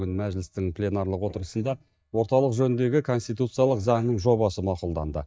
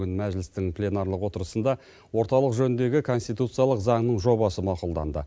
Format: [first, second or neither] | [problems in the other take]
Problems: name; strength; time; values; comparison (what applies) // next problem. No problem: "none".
second | noise reduction (neural mask model DeepFilterNet 3)